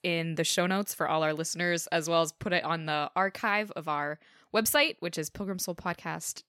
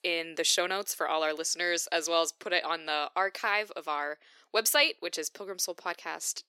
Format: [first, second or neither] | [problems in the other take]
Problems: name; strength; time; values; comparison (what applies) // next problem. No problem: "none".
first | thin; very; fading below 350 Hz